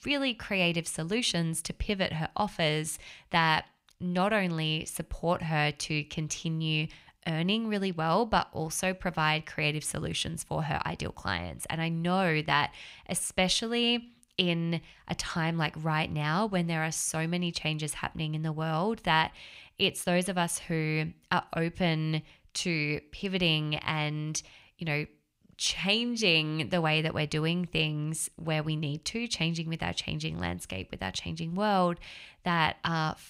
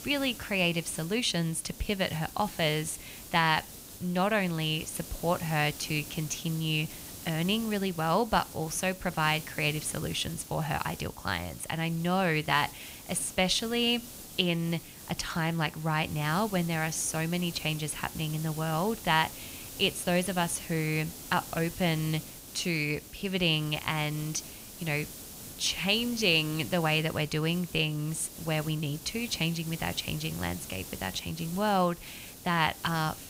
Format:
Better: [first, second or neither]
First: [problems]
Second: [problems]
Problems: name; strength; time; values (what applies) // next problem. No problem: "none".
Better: first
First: none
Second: hiss; noticeable; throughout; 15 dB below the speech